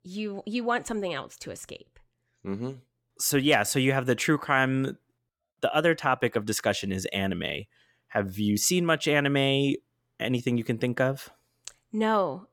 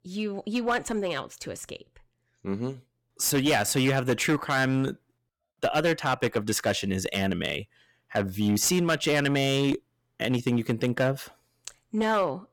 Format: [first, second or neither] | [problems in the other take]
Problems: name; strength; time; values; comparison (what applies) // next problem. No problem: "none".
first | distortion; slight; 7% of the sound clipped